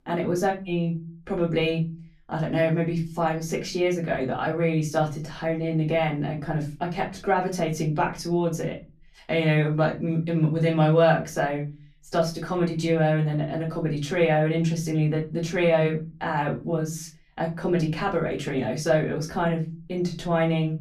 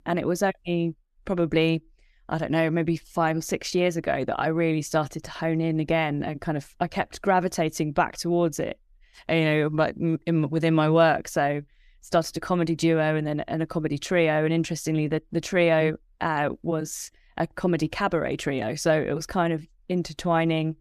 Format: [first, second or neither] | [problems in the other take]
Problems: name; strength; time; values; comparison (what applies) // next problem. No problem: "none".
second | off-mic speech; far // room echo; very slight; dies away in 0.3 s